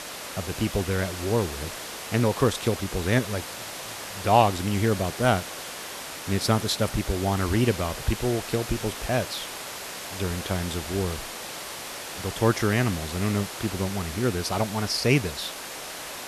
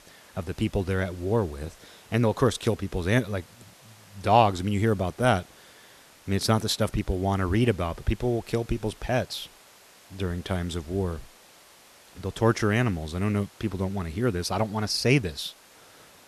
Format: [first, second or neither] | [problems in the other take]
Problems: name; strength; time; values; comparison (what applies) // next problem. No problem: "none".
second | hiss; loud; throughout; 8 dB below the speech; faint in the second